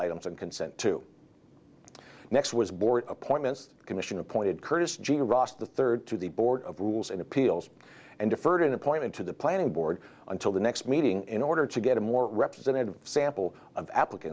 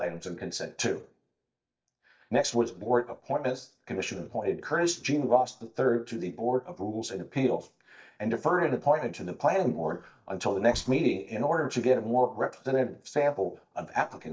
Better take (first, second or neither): first